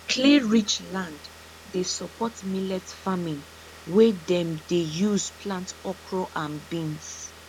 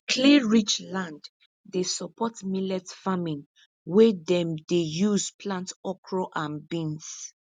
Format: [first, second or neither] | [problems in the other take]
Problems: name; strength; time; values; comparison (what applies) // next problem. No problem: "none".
second | background sound (Car); 20 dB below the speech